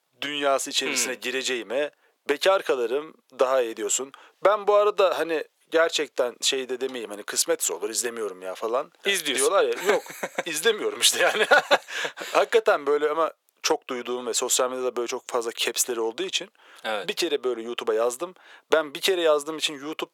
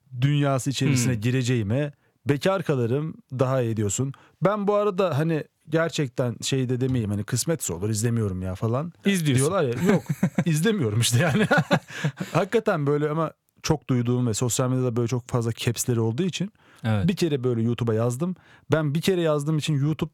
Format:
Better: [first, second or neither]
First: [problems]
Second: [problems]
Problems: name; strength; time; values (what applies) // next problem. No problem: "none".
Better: second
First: thin; very; fading below 400 Hz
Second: none